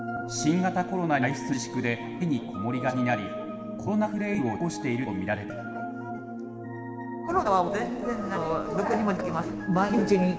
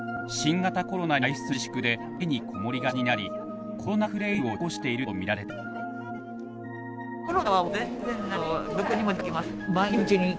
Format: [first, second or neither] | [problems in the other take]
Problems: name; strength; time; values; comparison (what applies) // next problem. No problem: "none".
second | room echo; dies away in 1.3 s